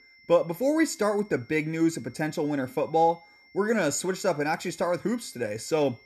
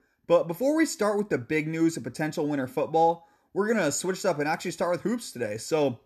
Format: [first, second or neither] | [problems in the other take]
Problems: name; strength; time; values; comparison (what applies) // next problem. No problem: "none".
second | high-pitched whine; faint; throughout; 2 kHz, 30 dB below the speech